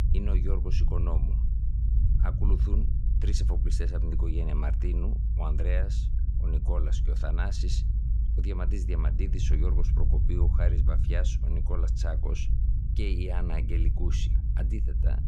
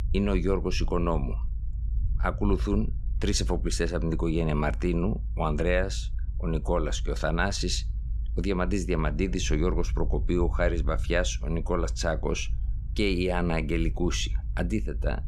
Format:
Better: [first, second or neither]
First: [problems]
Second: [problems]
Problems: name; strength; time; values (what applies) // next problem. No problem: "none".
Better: second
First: low rumble; loud; throughout; 5 dB below the speech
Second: low rumble; faint; throughout; 20 dB below the speech